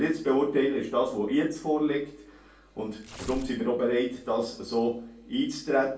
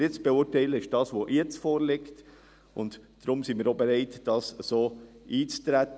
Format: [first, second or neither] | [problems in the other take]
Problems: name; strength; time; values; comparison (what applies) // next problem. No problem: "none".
second | background sound (Tearing); 14 dB below the speech // room echo; dies away in 0.3 s